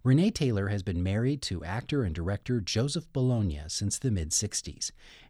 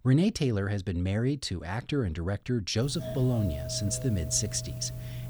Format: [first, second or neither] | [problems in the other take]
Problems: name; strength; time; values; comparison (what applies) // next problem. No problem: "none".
first | doorbell; noticeable; from 3 s on; peak 7 dB below the speech